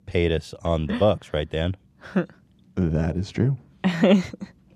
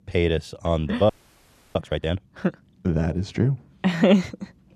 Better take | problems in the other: first | audio freezing; at 1 s for 0.5 s

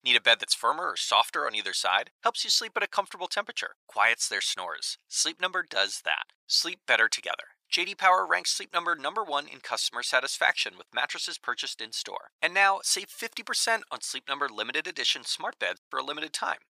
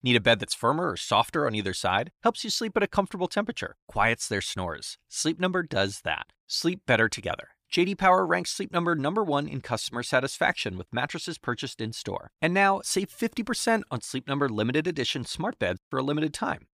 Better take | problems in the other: second | thin; very; fading below 850 Hz

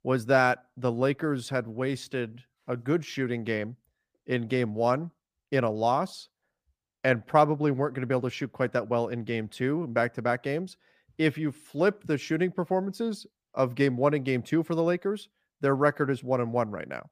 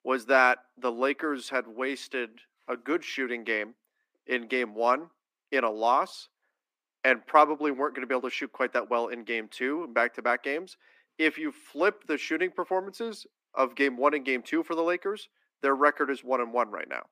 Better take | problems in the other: first | thin; somewhat; fading below 250 Hz

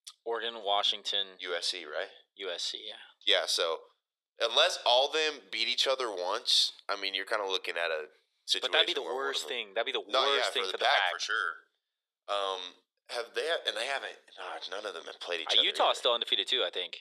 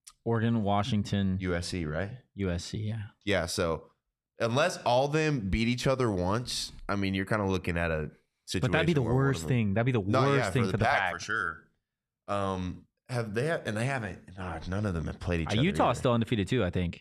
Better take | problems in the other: second | thin; very; fading below 450 Hz

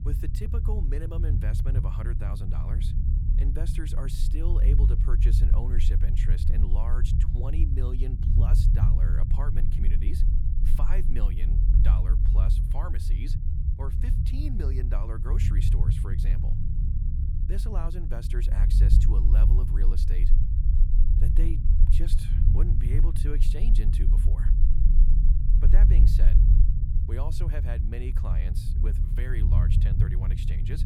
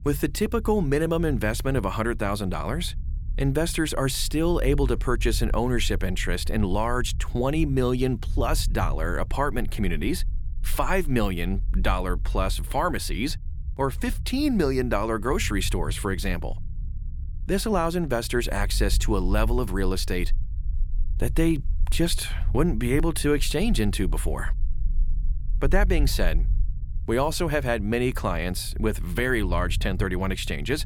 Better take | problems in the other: second | low rumble; loud; throughout; as loud as the speech; faint in the second

